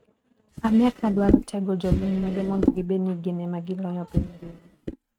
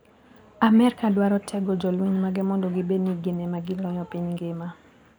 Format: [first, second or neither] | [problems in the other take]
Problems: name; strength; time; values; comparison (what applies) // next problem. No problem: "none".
second | noise reduction (neural mask model RNNoise)